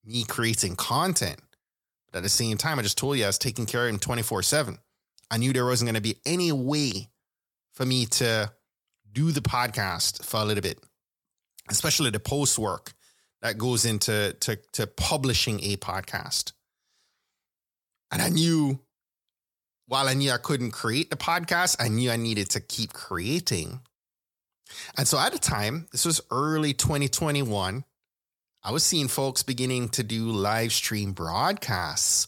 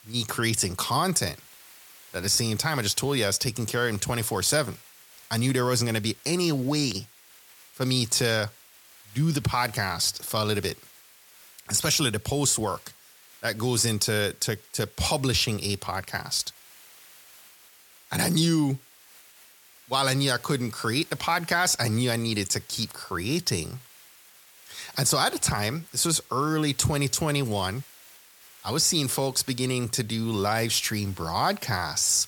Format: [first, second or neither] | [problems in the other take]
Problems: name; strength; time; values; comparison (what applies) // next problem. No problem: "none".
first | hiss; faint; throughout; 25 dB below the speech